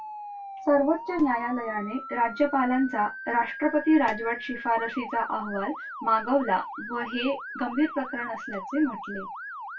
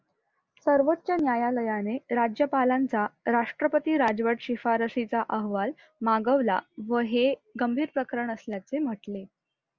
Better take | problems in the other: second | background sound (Motor vehicle (road) / Siren); 11 dB below the speech // room echo; dies away in 0.2 s

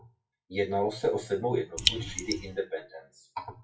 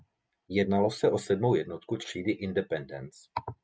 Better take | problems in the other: second | noise reduction (classical method WPE with log-MMSE)

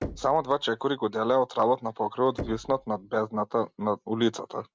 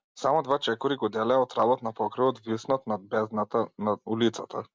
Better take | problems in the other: second | background sound (Knock); 16 dB below the speech

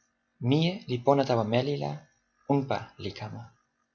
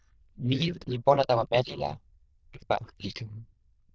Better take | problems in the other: first | noise reduction (neural diffusion model UNIVERSE++)

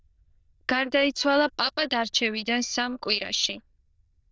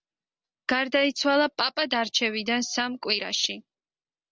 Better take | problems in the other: second | noise reduction (neural diffusion model UNIVERSE++)

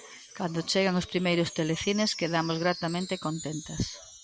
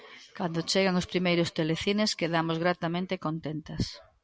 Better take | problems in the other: second | background sound (Wind chime); 15 dB below the speech

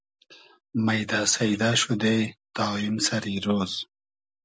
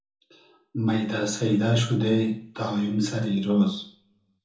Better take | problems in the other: first | room echo; dies away in 1 s

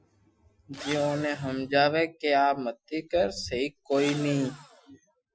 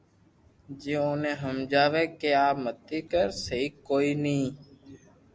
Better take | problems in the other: second | noise reduction (classical method Wiener filter)

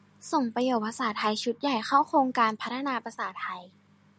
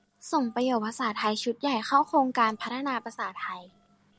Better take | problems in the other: first | noise reduction (neural separator model SepFormer DNS4)

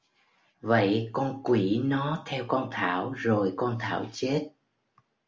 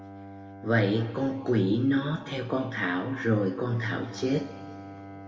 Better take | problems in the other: first | background sound (Bowed string instrument); 18 dB below the speech // room echo; dies away in 1.9 s

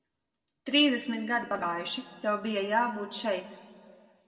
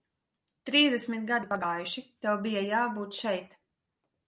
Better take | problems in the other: second | room echo; dies away in 1.7 s

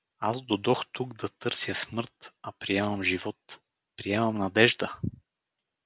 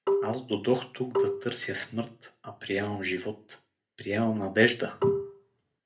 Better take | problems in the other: first | background sound (Marimba, xylophone); as loud as the speech // room echo; dies away in 0.3 s

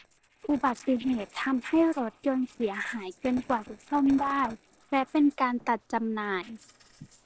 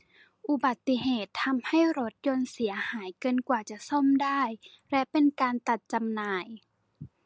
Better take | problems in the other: second | noise reduction (neural separator model SepFormer DNS4)

